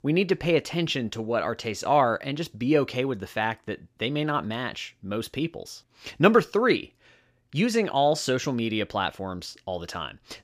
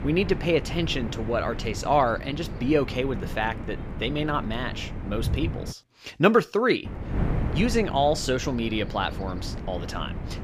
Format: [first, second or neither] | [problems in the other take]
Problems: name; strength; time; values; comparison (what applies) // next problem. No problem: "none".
first | wind noise on the microphone; occasional gusts; until 5.5 s and from 7 s on; 15 dB below the speech